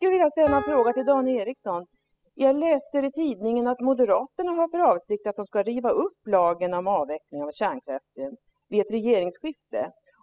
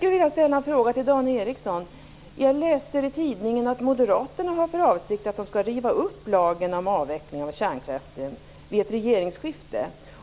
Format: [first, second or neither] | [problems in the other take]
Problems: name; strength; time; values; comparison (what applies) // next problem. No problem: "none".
second | noise reduction (classical method spectral subtraction)